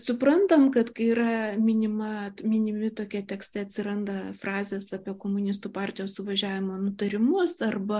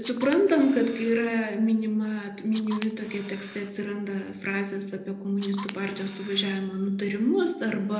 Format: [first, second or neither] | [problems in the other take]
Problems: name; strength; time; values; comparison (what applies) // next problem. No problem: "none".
first | background sound (Camera); 17 dB below the speech // room echo; dies away in 0.8 s